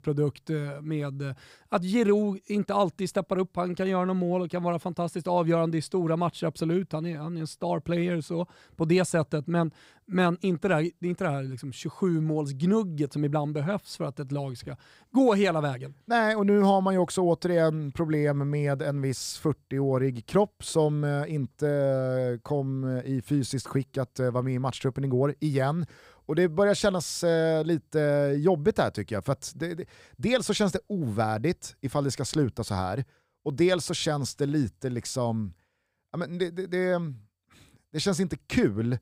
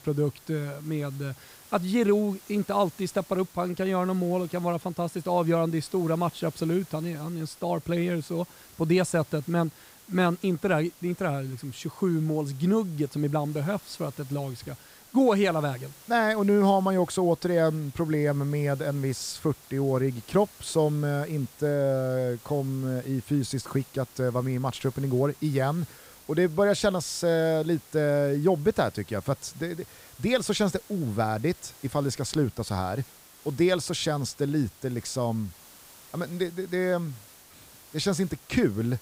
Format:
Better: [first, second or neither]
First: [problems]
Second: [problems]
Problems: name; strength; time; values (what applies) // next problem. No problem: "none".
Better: first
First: none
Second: hiss; faint; throughout; 20 dB below the speech